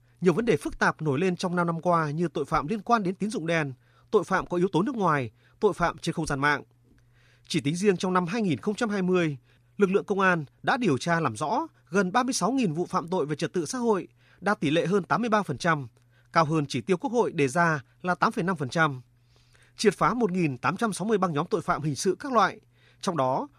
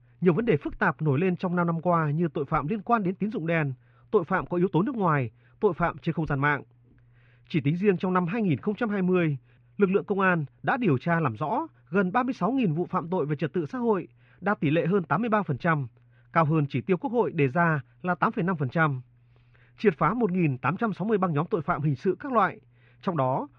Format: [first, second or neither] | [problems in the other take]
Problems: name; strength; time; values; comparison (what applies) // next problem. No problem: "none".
first | muffled; very; fading above 2.5 kHz